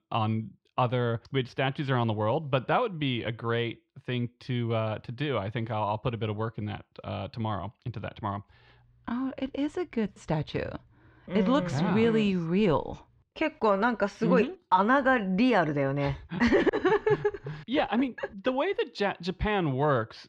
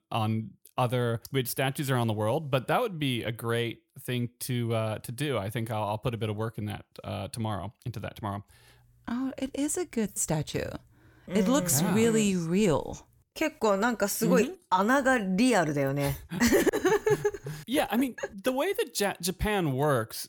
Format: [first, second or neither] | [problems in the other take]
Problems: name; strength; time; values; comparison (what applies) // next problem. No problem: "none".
second | muffled; slightly; fading above 4 kHz